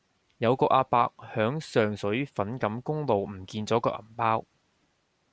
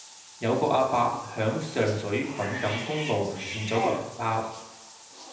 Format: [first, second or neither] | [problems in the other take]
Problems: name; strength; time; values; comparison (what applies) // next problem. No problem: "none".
first | background sound (Bathtub (filling or washing) / Cat); 10 dB below the speech // room echo; dies away in 0.8 s